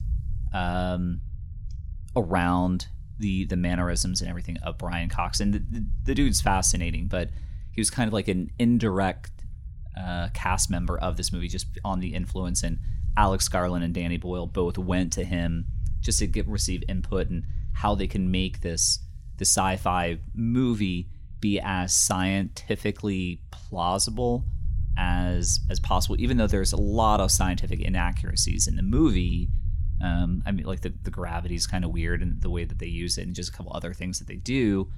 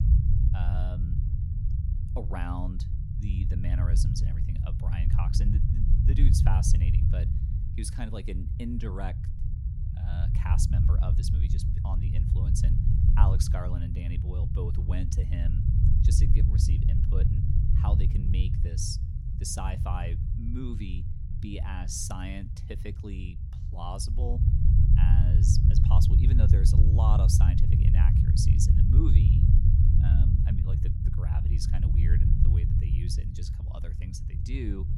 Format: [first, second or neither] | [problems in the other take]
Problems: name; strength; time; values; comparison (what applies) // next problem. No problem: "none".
first | low rumble; loud; throughout; as loud as the speech; faint in the first